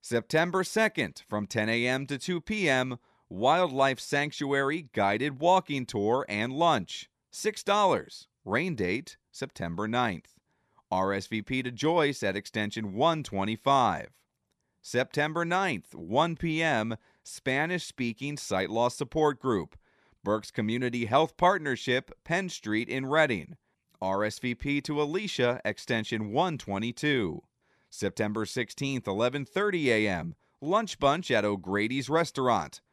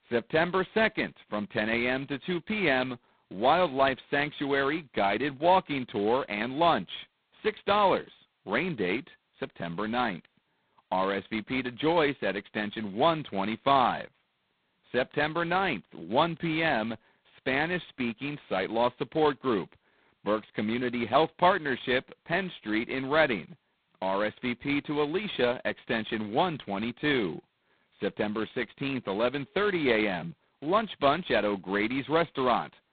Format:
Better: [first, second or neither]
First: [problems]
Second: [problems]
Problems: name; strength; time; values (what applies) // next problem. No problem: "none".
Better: first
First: none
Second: phone-call audio; poor line; nothing above 4 kHz